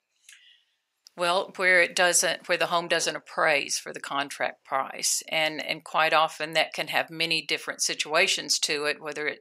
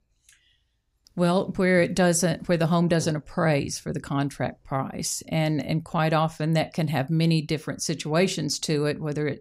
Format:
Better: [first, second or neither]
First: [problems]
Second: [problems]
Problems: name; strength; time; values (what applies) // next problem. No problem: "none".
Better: second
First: thin; very; fading below 700 Hz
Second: none